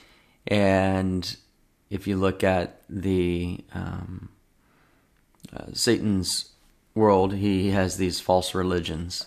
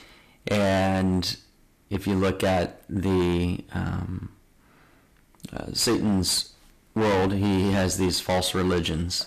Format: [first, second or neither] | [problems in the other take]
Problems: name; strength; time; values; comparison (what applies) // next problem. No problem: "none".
first | distortion; heavy; 15% of the sound clipped